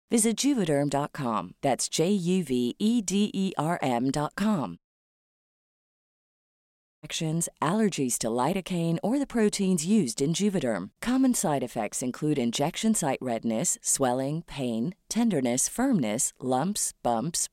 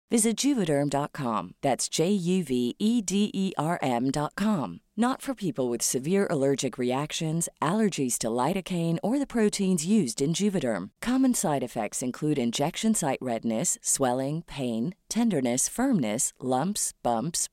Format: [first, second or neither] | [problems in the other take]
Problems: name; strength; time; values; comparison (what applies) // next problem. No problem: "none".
second | audio cutting out; at 5 s for 2 s